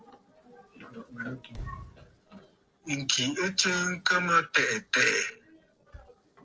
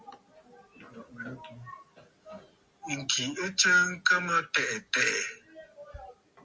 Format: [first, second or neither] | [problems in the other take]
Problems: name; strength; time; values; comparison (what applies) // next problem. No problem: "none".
second | noise reduction (neural separator model SepFormer DNS4)